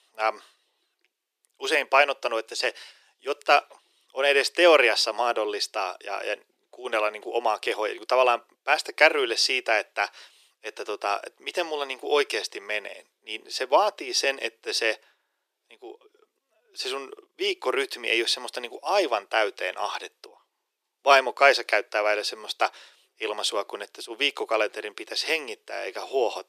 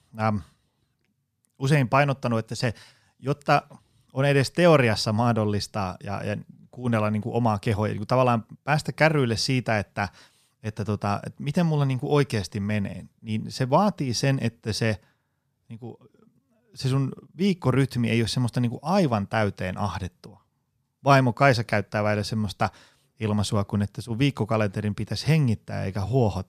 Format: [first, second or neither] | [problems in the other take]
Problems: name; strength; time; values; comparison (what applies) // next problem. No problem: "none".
second | thin; very; fading below 350 Hz